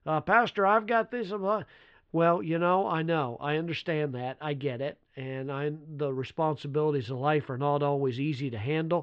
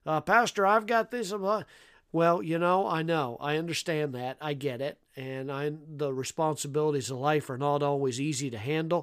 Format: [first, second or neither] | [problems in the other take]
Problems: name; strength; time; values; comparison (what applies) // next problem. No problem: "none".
second | muffled; slightly; fading above 3.5 kHz